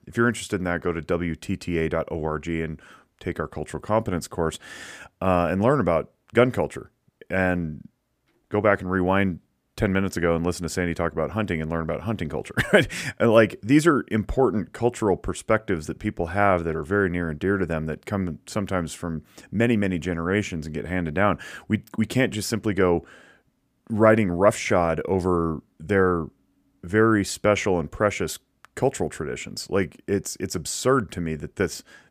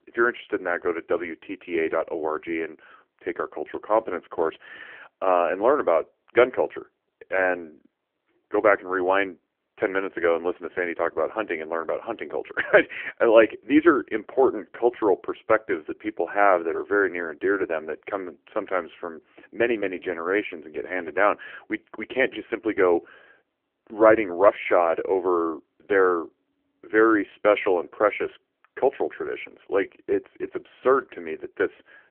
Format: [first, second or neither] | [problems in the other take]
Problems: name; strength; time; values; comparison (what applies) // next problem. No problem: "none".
first | phone-call audio; poor line; nothing above 3 kHz